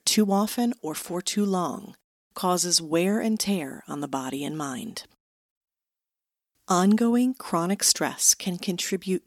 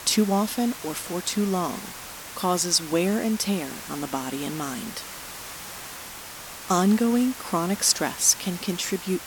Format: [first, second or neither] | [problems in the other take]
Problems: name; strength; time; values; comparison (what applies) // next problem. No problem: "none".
first | hiss; noticeable; throughout; 10 dB below the speech